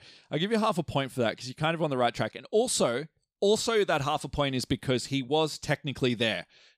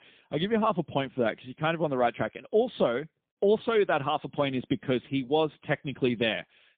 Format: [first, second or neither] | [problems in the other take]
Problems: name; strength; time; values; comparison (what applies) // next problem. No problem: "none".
first | phone-call audio; poor line